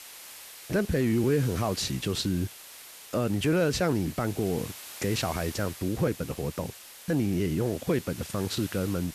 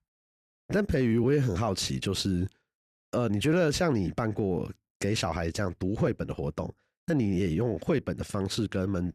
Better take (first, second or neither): second